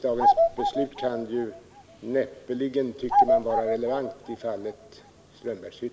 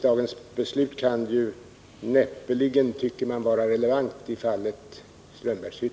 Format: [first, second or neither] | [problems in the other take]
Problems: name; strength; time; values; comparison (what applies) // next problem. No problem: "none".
second | background sound (Bird vocalization, bird call, bird song); 3 dB above the speech